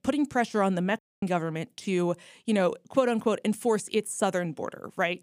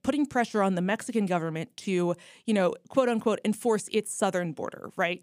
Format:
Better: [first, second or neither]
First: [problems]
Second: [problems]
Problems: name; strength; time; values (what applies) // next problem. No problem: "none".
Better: second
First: audio cutting out; at 1 s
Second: none